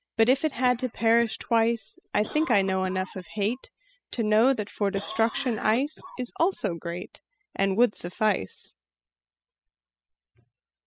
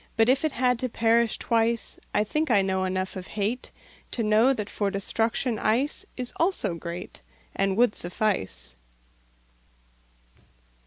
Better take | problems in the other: second | noise reduction (classical method spectral subtraction)

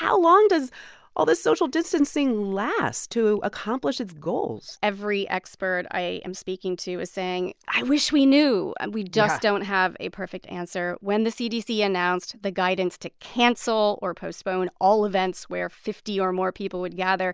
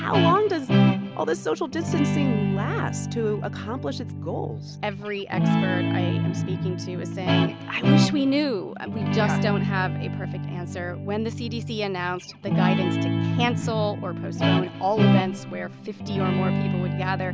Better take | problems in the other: first | background sound (Guitar); 4 dB above the speech

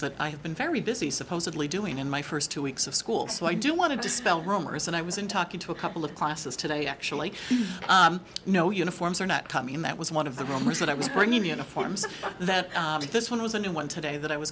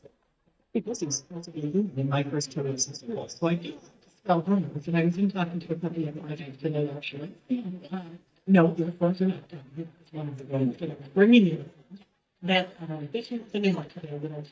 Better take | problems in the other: first | noise reduction (neural mask model DeepFilterNet 3)

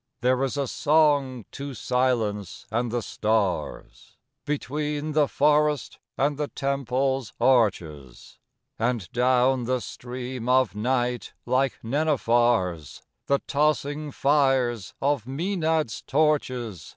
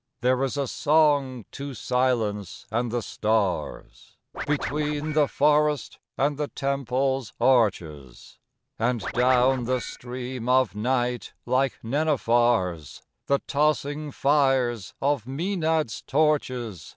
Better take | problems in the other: first | background sound (Scratching (performance technique)); 11 dB below the speech

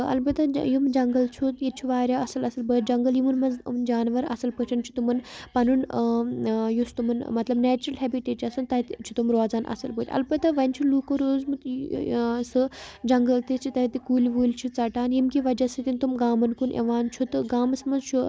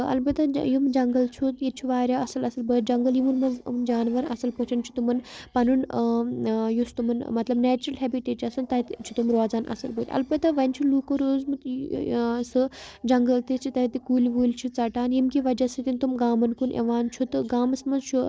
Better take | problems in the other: first | noise reduction (neural separator model SepFormer DNS4)

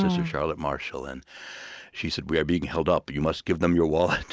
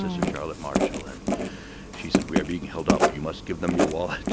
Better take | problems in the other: first | background sound (Writing); 4 dB above the speech

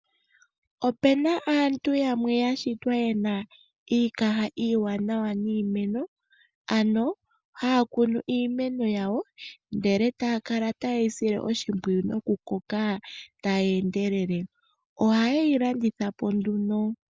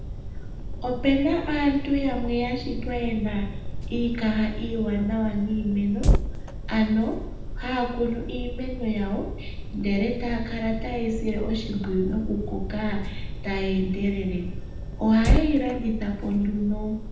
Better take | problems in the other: first | background sound (Fire); 3 dB below the speech // room echo; dies away in 0.8 s

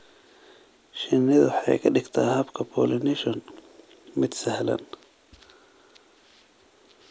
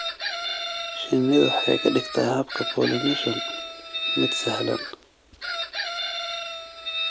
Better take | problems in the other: first | background sound (Chicken, rooster); 4 dB below the speech

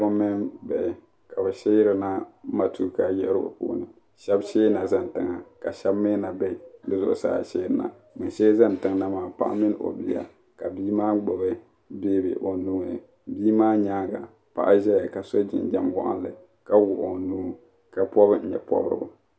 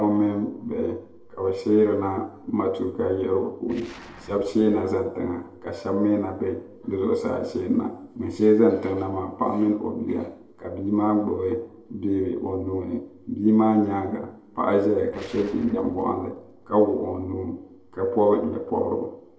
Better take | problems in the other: first | noise reduction (neural separator model SepFormer DNS4)

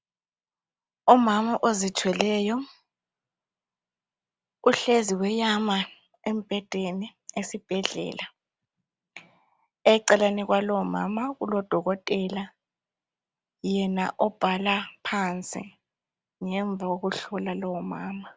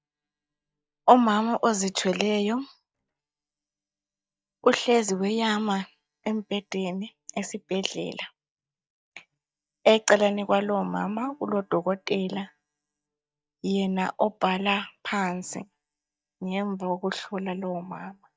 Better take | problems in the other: first | noise reduction (neural mask model DeepFilterNet 3)

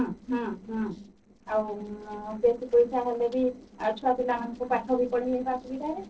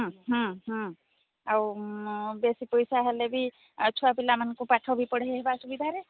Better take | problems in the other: second | noise reduction (neural separator model SepFormer DNS4)

